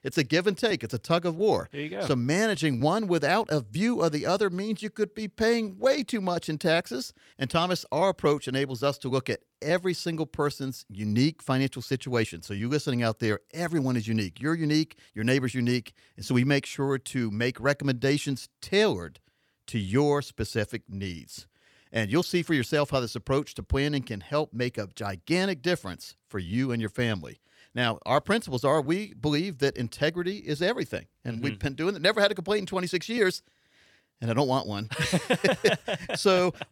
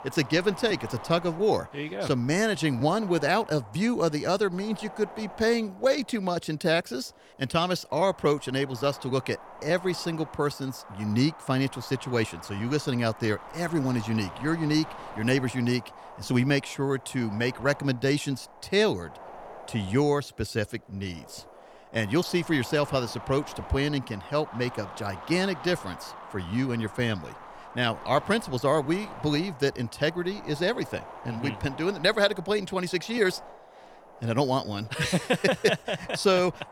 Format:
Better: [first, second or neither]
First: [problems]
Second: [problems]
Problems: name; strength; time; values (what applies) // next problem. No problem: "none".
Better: first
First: none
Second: wind noise on the microphone; occasional gusts; 15 dB below the speech